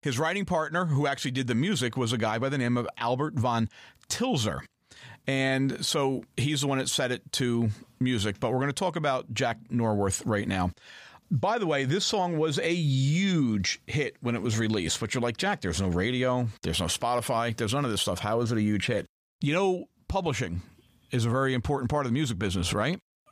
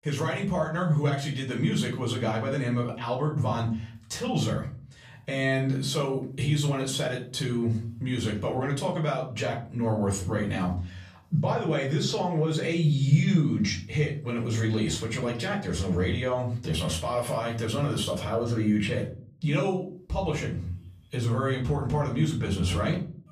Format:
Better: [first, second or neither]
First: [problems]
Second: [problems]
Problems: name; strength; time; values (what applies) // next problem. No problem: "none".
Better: first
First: none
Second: off-mic speech; far // room echo; slight; dies away in 0.5 s